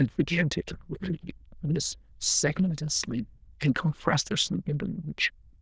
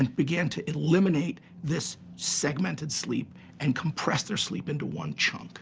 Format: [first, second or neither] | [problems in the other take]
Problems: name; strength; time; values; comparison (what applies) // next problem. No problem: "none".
second | noise reduction (neural diffusion model UNIVERSE++)